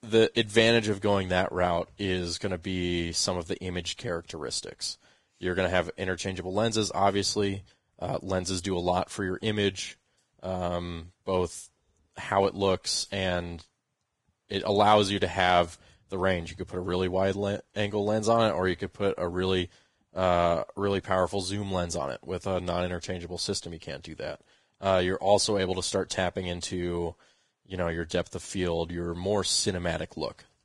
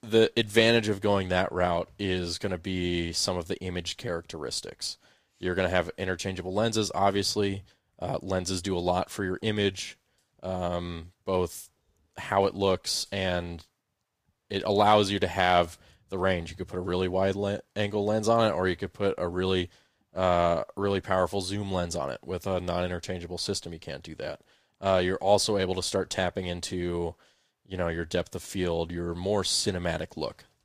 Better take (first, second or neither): second